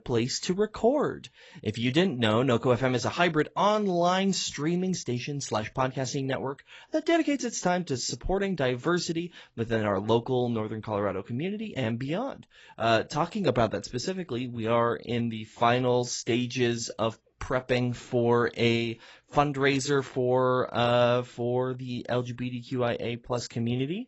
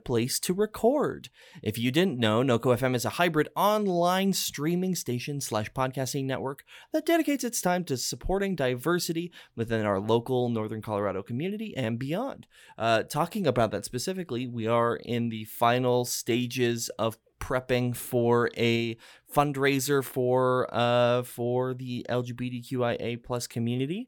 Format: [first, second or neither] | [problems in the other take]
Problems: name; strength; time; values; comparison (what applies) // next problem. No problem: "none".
second | garbled, watery; badly; nothing above 7.5 kHz